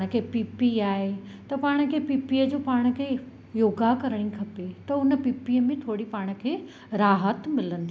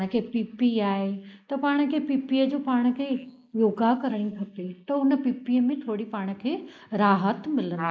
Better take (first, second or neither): first